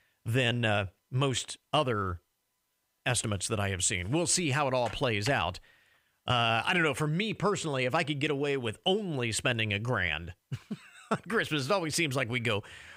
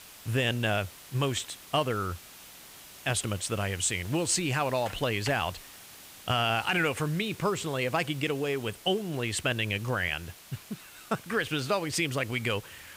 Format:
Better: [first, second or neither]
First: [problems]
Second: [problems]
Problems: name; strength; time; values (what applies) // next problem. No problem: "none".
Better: first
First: none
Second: hiss; noticeable; throughout; 20 dB below the speech